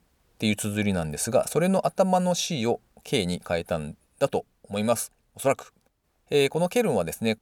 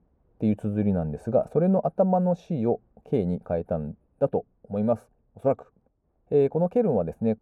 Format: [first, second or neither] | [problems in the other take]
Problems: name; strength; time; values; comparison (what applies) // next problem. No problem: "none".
first | muffled; very; fading above 2 kHz